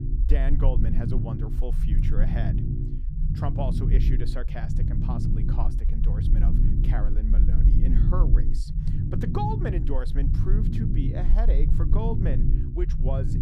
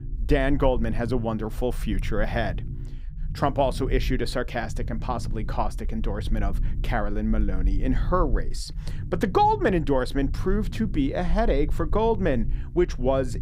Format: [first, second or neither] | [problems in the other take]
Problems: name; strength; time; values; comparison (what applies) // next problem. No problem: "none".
second | low rumble; loud; throughout; 2 dB below the speech; faint in the second